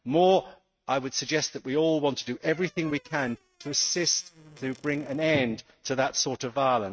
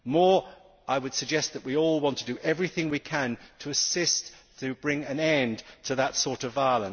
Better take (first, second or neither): second